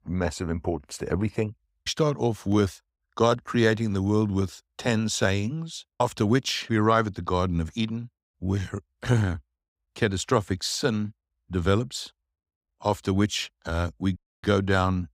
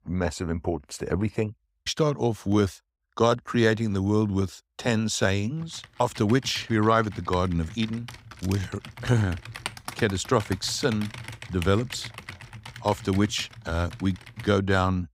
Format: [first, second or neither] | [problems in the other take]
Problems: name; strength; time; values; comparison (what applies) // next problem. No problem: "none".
first | keyboard typing; noticeable; from 5.5 to 14 s; peak 8 dB below the speech